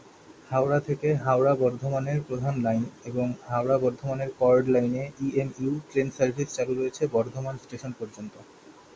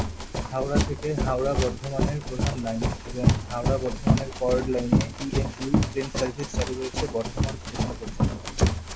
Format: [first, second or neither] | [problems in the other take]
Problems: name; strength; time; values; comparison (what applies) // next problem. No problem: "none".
first | background sound (Run); 4 dB above the speech